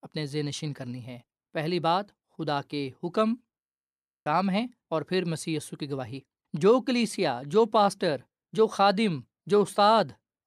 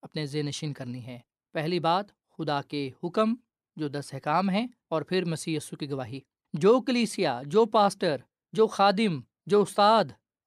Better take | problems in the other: second | audio freezing; at 3.5 s for 0.5 s

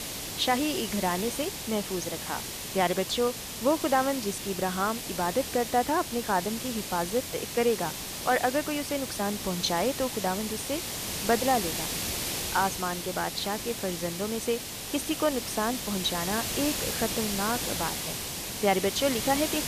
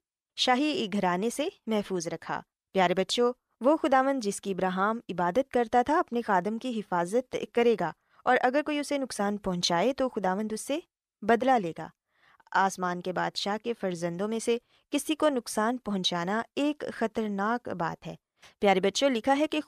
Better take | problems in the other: second | hiss; loud; throughout; 3 dB below the speech

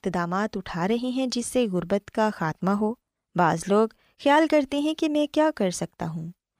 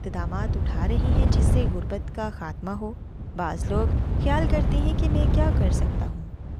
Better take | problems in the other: first | wind noise on the microphone; heavy; 3 dB below the speech

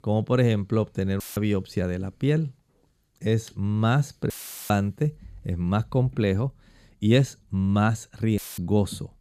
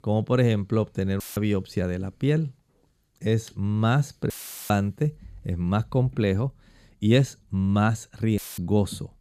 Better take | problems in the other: neither | audio cutting out; filled with static; at 1 s, at 4.5 s and at 8.5 s; the same in both

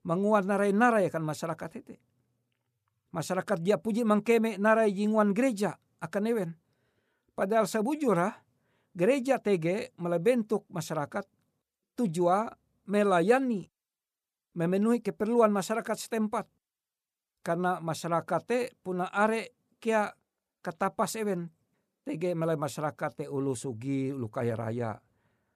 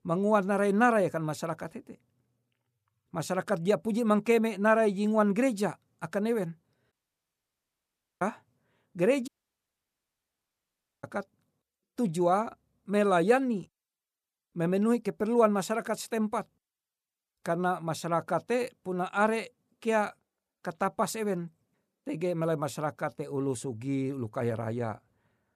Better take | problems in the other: first | audio cutting out; at 7 s for 1.5 s and at 9.5 s for 2 s

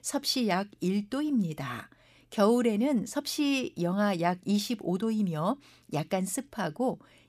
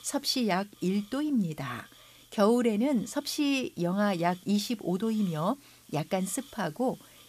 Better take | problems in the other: first | hiss; faint; throughout; 25 dB below the speech

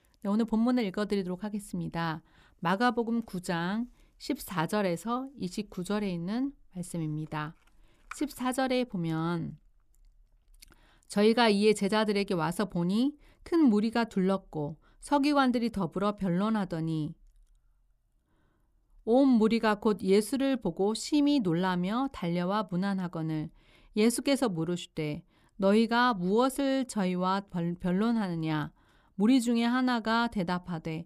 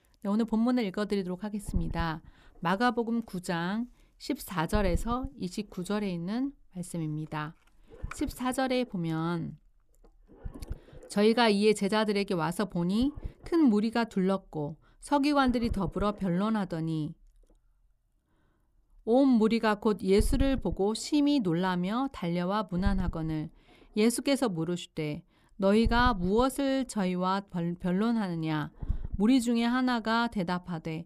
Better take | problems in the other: first | low rumble; faint; throughout; 25 dB below the speech

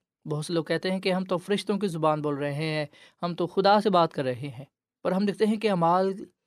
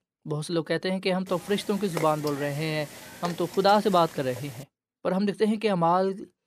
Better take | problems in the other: first | hiss; noticeable; from 1.5 to 4.5 s; 15 dB below the speech

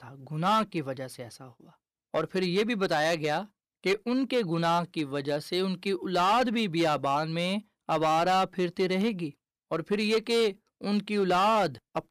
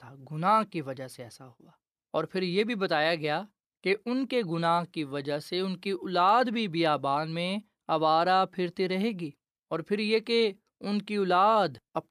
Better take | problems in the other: second | distortion; slight; 6% of the sound clipped

